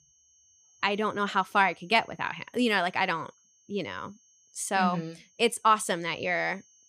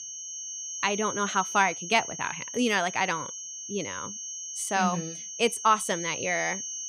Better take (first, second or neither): first